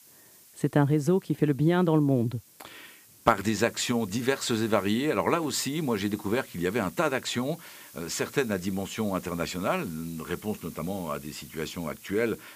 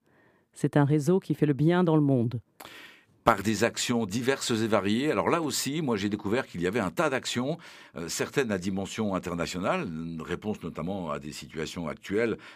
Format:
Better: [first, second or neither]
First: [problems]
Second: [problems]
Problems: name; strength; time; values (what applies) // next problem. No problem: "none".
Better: second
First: hiss; faint; throughout; 20 dB below the speech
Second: none